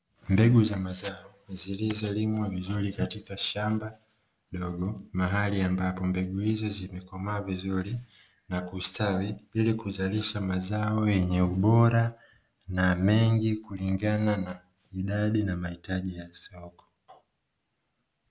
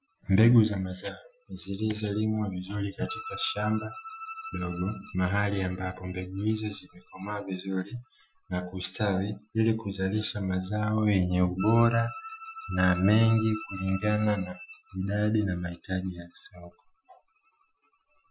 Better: first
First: none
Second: noise reduction (classical method Wiener filter)

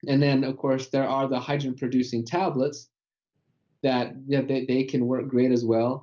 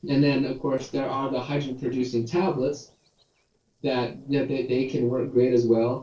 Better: first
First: none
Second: noise reduction (neural separator model SepFormer DNS4)

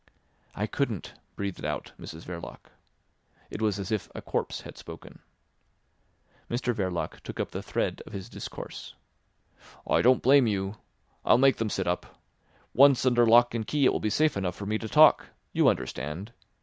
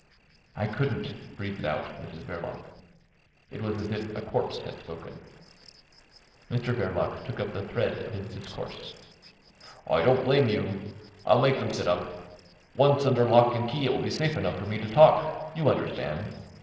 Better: first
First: none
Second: noise reduction (neural separator model SepFormer DNS4)

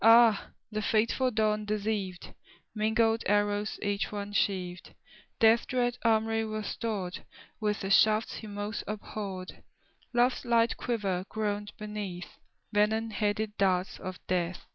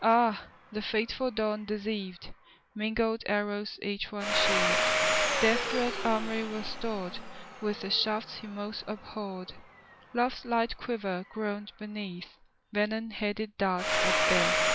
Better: first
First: none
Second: background sound (Domestic sounds, home sounds); 2 dB below the speech

